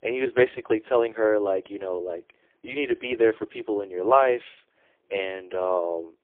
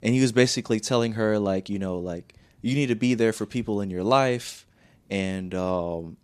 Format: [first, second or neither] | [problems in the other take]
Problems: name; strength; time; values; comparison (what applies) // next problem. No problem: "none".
second | phone-call audio; poor line